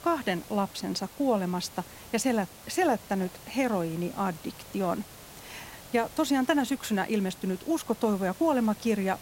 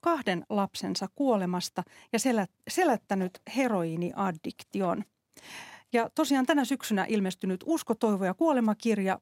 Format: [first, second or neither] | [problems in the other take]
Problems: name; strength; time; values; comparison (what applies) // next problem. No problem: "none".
second | hiss; noticeable; throughout; 15 dB below the speech